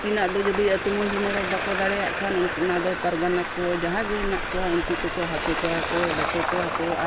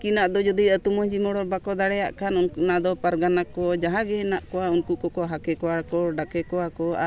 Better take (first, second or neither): second